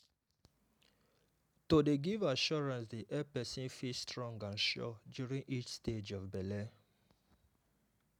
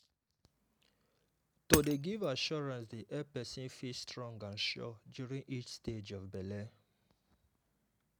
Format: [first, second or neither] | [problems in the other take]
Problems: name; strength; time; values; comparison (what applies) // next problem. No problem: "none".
first | background sound (Hammer); 1 dB above the speech